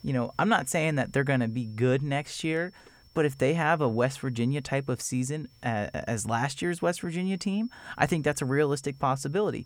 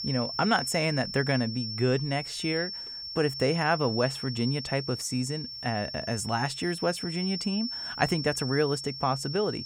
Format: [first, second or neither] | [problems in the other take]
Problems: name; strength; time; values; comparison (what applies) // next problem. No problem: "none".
first | high-pitched whine; loud; throughout; 5.5 kHz, 6 dB below the speech; faint in the first